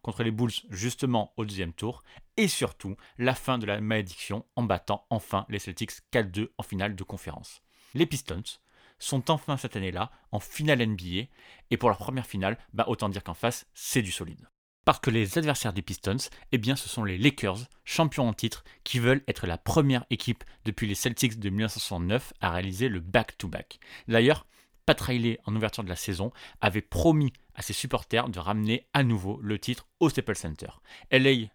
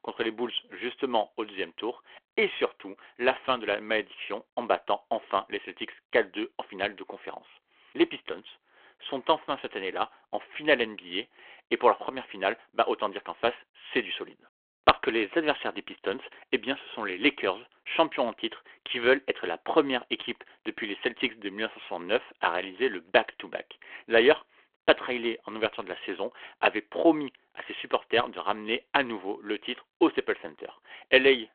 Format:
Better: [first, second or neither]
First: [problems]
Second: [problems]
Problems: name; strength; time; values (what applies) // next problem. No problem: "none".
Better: first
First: none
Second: phone-call audio